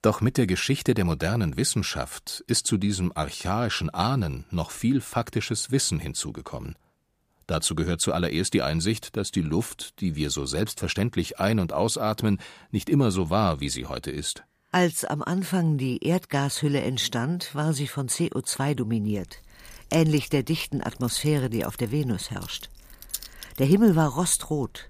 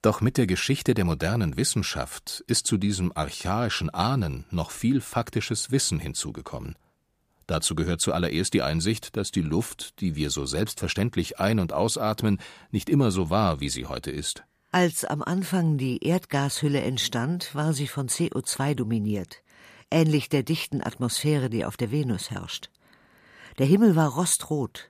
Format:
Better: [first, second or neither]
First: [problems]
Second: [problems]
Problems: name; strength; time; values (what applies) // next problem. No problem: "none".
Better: second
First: jangling keys; noticeable; from 19 s on; peak 9 dB below the speech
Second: none